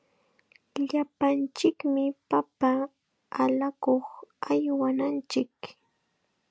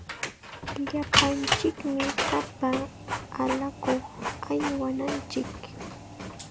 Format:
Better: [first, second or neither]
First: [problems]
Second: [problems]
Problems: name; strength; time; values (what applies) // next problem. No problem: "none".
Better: first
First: none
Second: background sound (Printer); 1 dB below the speech